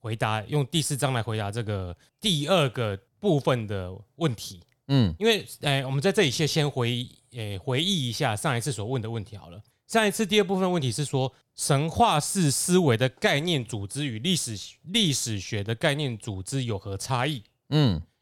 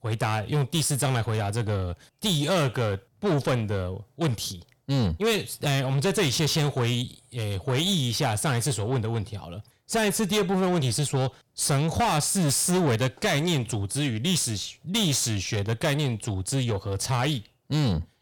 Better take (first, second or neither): first